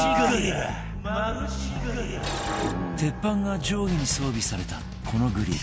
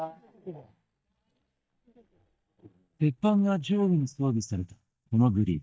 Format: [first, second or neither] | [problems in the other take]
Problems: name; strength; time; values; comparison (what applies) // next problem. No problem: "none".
first | noise reduction (neural mask model DeepFilterNet 3)